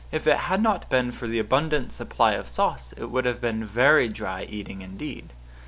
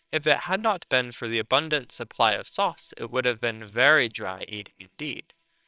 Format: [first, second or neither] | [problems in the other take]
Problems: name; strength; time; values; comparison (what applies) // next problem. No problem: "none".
first | noise reduction (neural separator model SepFormer WHAMR!)